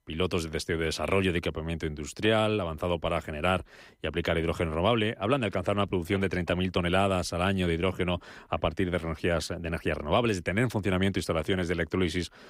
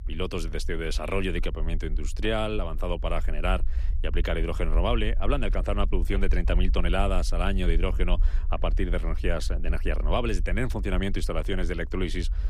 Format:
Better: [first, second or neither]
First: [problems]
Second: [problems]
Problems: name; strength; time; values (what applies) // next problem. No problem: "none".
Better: first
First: none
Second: low rumble; faint; throughout; 20 dB below the speech